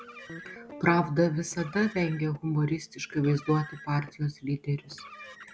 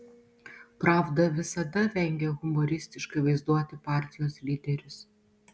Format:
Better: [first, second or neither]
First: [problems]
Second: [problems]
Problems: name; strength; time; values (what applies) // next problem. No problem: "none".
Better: second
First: background sound (Car + Guitar); 19 dB below the speech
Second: none